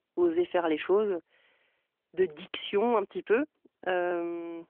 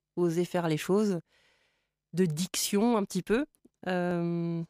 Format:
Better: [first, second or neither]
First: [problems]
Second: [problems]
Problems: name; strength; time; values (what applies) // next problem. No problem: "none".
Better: second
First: phone-call audio; nothing above 3.5 kHz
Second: none